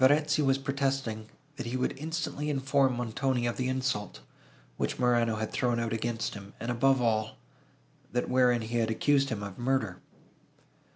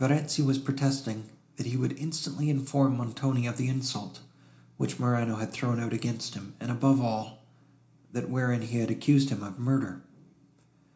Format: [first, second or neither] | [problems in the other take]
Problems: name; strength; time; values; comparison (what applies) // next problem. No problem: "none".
first | room echo; dies away in 0.4 s